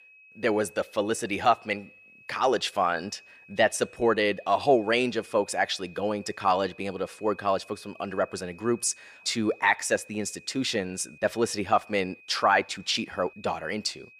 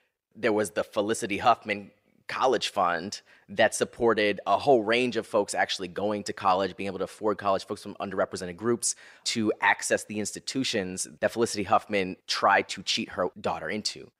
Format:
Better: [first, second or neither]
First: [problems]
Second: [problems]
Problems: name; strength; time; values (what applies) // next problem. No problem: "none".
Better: second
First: high-pitched whine; faint; throughout; 2.5 kHz, 25 dB below the speech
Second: none